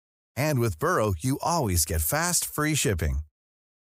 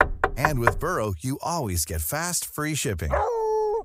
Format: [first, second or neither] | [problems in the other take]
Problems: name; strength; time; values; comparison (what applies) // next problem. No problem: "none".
first | door banging; loud; at the start; peak 4 dB above the speech // dog barking; loud; at 3 s; peak 3 dB above the speech